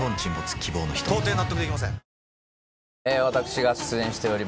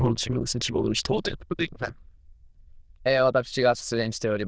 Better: first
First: none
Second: noise reduction (neural diffusion model UNIVERSE++)

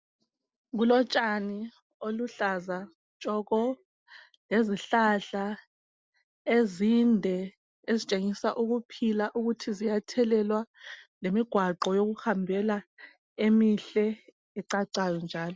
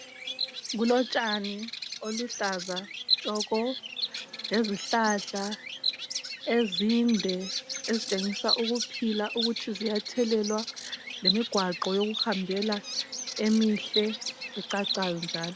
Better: first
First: none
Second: background sound (Bird vocalization, bird call, bird song); 5 dB below the speech

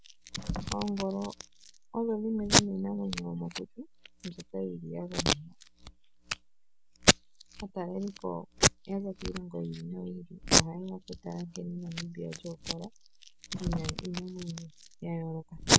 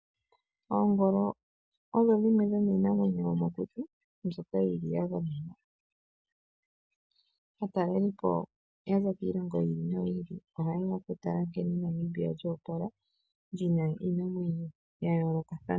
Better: second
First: background sound (Packing tape, duct tape); 4 dB above the speech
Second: none

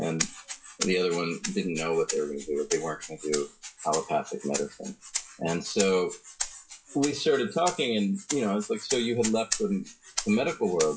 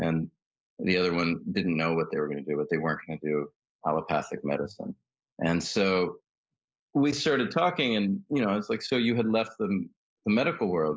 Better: second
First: noise reduction (classical method WPE with log-MMSE)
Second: none

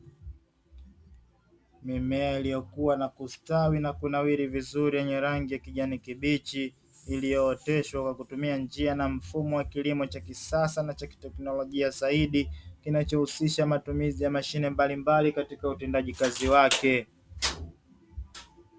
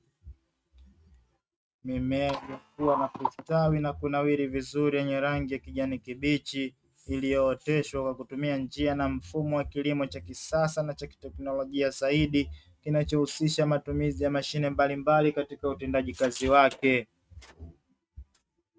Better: first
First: none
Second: noise reduction (neural mask model RNNoise)

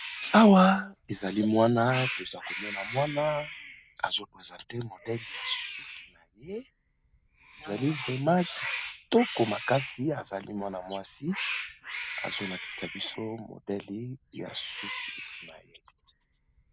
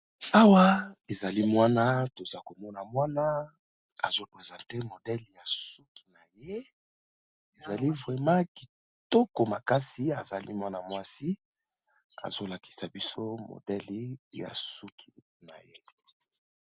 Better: second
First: background sound (Cat); 11 dB below the speech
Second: none

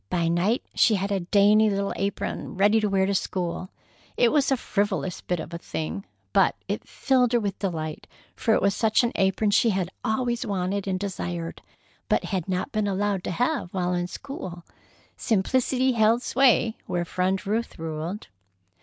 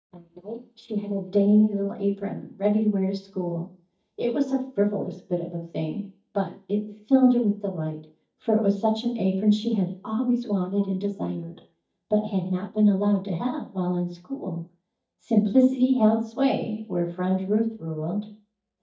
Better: first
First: none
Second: noise reduction (neural mask model DeepFilterNet 3)

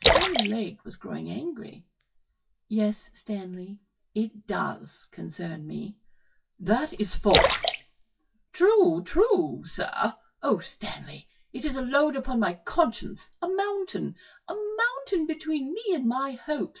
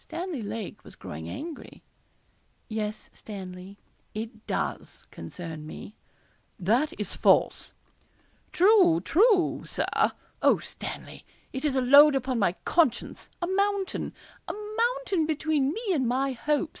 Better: second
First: noise reduction (classical method WPE with log-MMSE)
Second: none

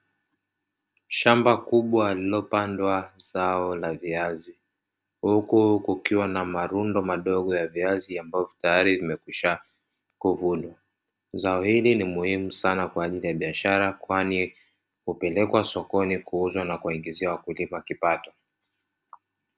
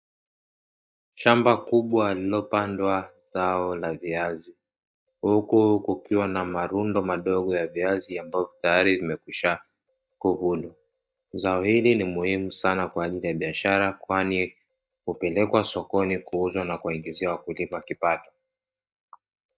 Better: first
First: none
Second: noise reduction (neural mask model DeepFilterNet 3)

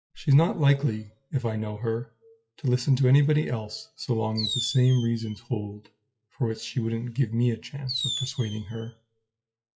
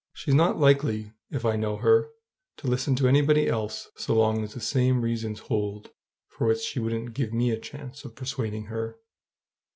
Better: second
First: noise reduction (classical method WPE with log-MMSE)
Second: none

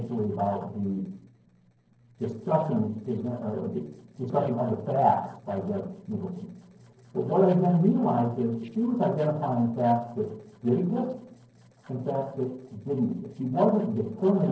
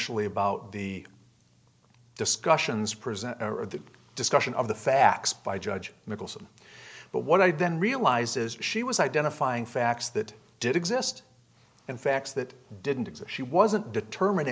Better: second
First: noise reduction (neural separator model SepFormer DNS4)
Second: none

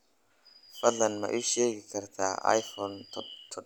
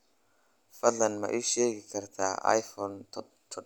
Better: second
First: background sound (Bird); 17 dB below the speech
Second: none

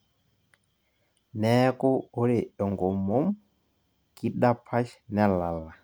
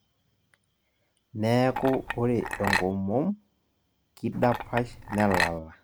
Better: first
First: none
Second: background sound (Chink, clink); 3 dB below the speech

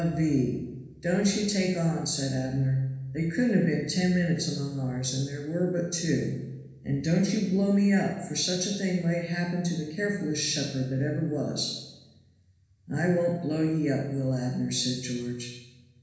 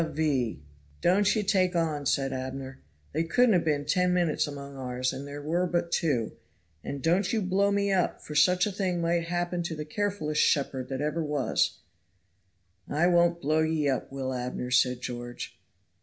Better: second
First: room echo; dies away in 1.1 s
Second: none

